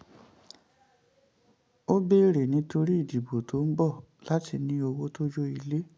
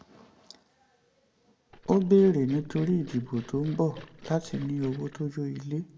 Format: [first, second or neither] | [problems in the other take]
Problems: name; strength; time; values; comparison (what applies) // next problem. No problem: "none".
first | background sound (Liquid); 20 dB below the speech // room echo; dies away in 1.4 s